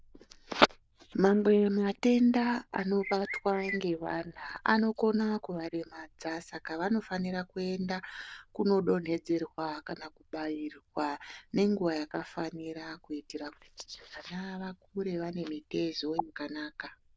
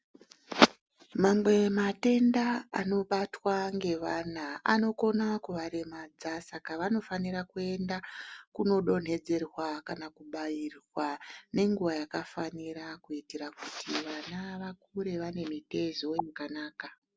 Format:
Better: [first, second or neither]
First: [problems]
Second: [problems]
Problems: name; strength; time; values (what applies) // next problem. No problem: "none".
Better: second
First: noise reduction (neural diffusion model UNIVERSE++)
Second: none